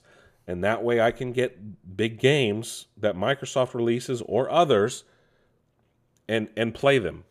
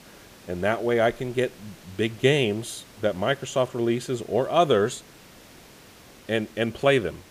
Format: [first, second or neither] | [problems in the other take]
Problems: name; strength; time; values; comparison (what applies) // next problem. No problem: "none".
first | hiss; faint; throughout; 25 dB below the speech